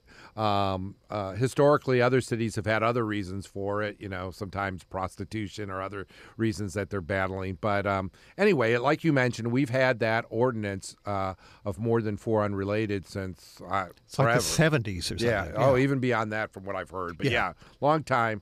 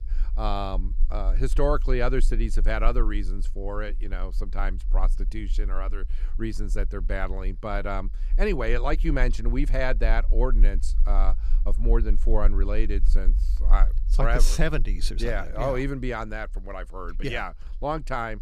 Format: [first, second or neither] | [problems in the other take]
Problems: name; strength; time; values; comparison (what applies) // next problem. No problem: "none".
first | low rumble; faint; throughout; 25 dB below the speech